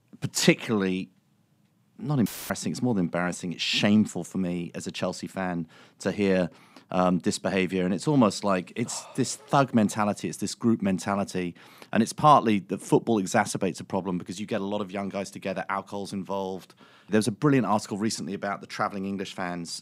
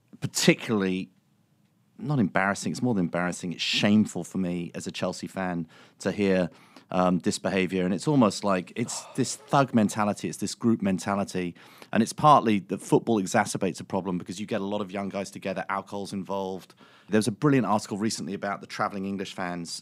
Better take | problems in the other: second | audio cutting out; filled with static; at 2.5 s

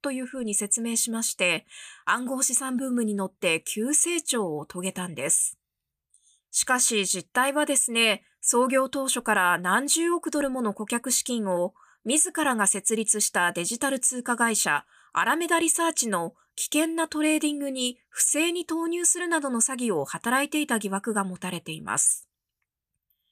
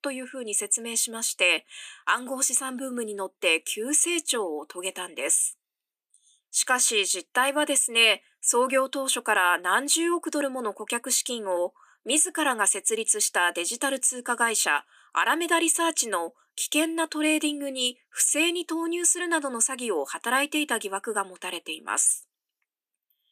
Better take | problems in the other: first | thin; very slightly; fading below 300 Hz

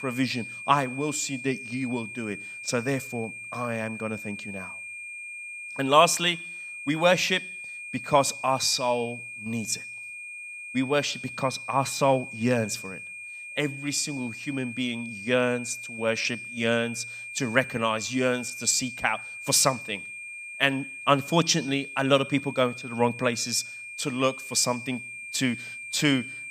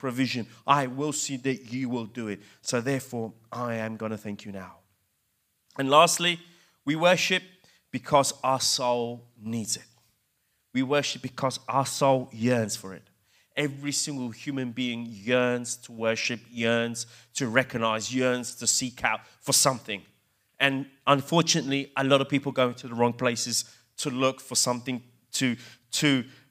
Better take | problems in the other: second | high-pitched whine; noticeable; throughout; 2.5 kHz, 10 dB below the speech

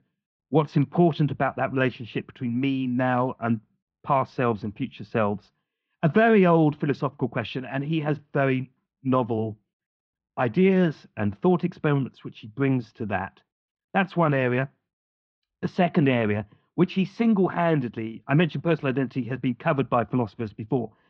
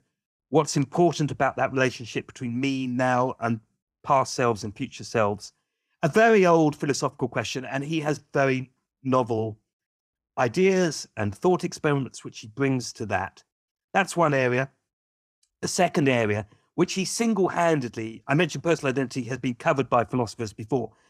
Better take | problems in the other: second | muffled; very; fading above 3.5 kHz

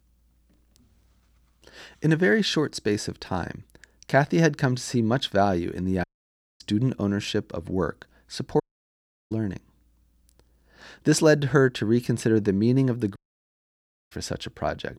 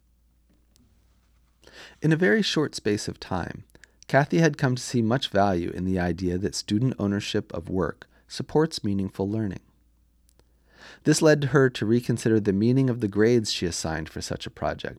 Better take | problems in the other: second | audio cutting out; at 6 s for 0.5 s, at 8.5 s for 0.5 s and at 13 s for 1 s

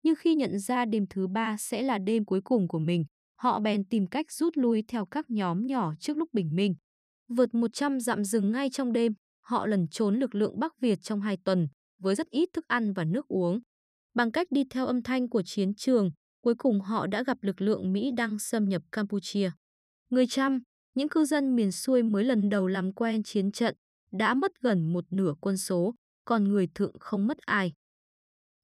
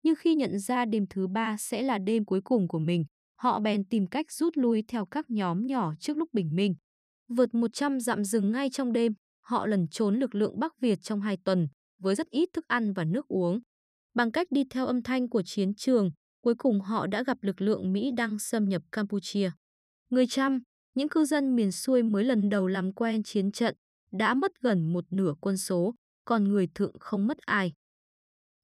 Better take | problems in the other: neither | none

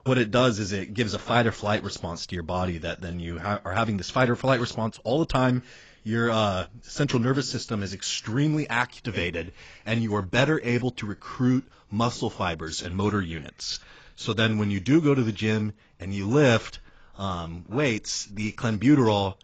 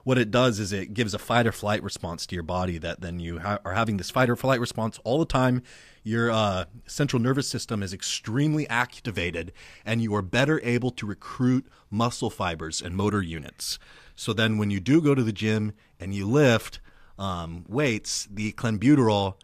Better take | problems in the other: second | garbled, watery; badly; nothing above 7.5 kHz

